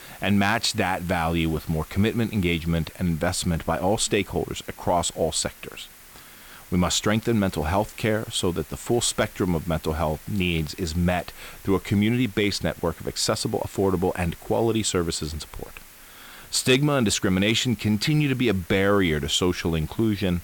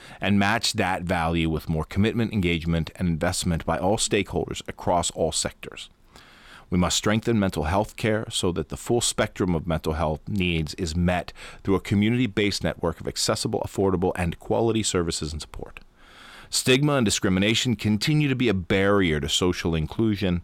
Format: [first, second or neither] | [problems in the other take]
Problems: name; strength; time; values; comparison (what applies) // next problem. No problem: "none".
second | hiss; faint; throughout; 20 dB below the speech